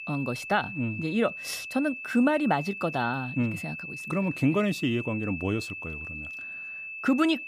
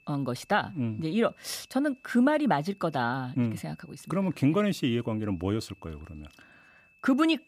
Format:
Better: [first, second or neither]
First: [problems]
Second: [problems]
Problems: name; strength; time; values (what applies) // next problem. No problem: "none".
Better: second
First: high-pitched whine; loud; throughout; 2.5 kHz, 8 dB below the speech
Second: high-pitched whine; faint; throughout; 2.5 kHz, 30 dB below the speech